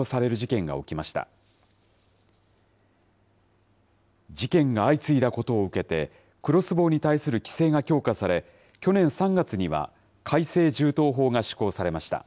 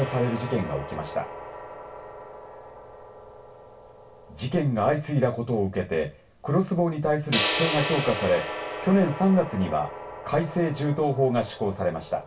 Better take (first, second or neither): first